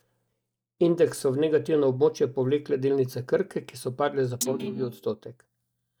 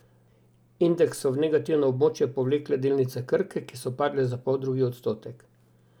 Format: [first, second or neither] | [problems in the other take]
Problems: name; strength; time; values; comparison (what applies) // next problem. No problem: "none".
second | noise reduction (neural mask model DeepFilterNet 3)